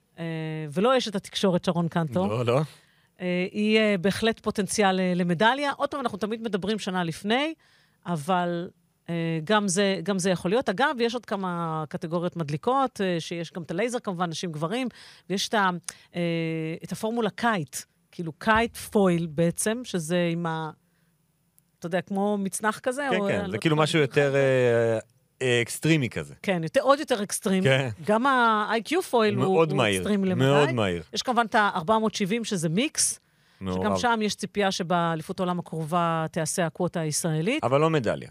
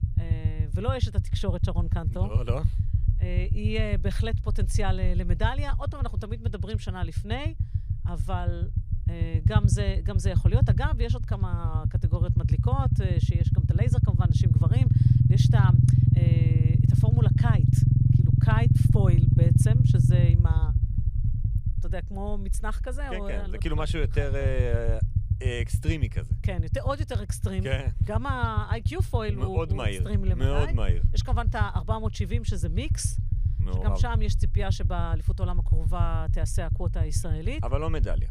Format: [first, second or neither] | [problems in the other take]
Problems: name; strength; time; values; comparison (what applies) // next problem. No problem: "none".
first | low rumble; loud; throughout; 3 dB below the speech